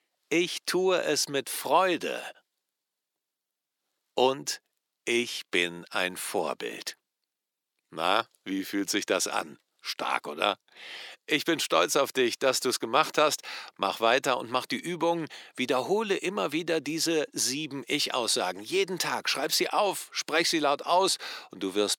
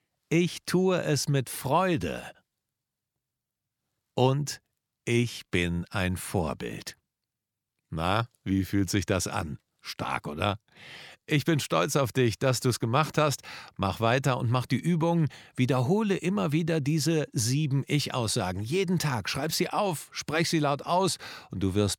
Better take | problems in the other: second | thin; somewhat; fading below 350 Hz

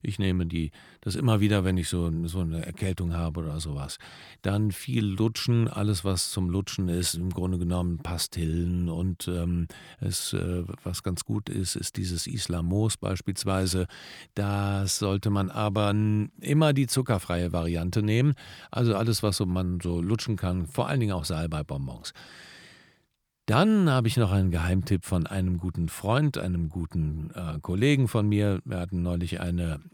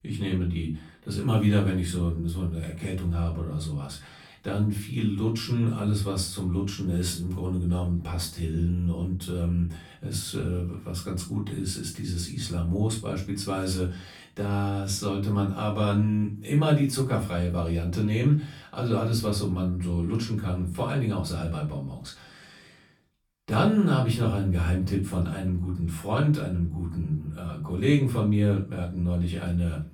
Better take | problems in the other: first | off-mic speech; far // room echo; slight; dies away in 0.3 s

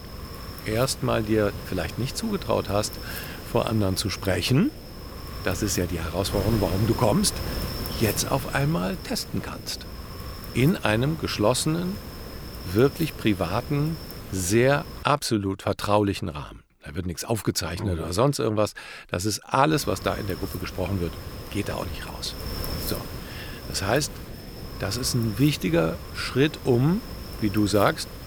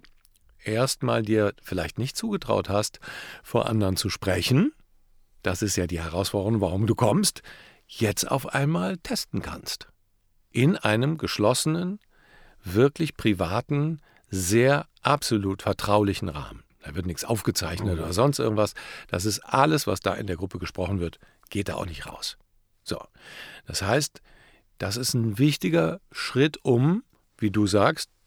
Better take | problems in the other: second | wind noise on the microphone; occasional gusts; until 15 s and from 20 s on; 10 dB below the speech

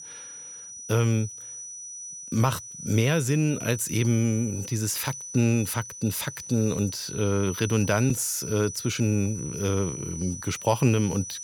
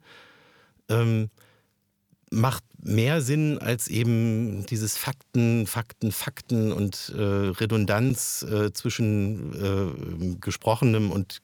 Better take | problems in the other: second | high-pitched whine; noticeable; throughout; 6 kHz, 10 dB below the speech

